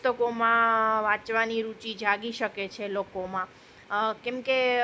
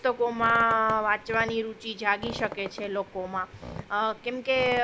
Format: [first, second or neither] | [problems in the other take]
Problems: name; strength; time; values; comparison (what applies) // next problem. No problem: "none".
first | background sound (Squeak); 14 dB below the speech